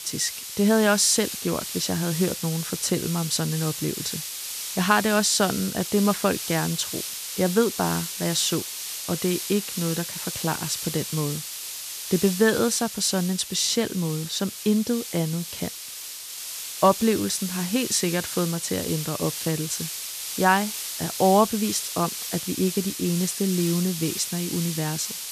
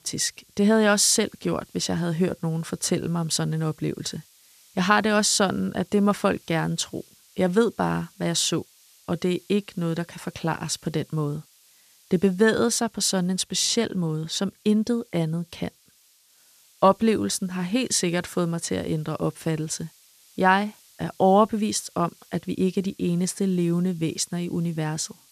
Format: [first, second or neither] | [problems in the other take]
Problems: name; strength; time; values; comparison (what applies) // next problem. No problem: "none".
second | hiss; loud; throughout; 6 dB below the speech; faint in the second